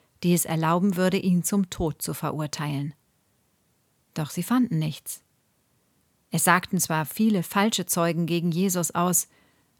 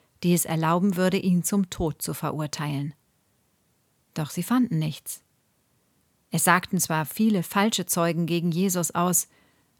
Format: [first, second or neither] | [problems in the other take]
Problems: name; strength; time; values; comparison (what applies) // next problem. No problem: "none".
neither | none